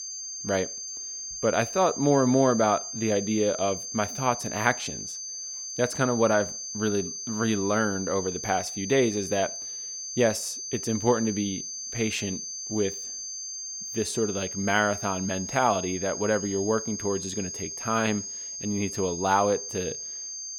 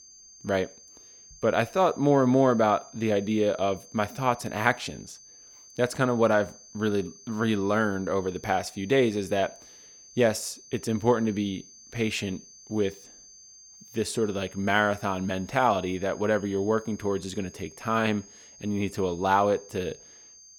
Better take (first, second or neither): second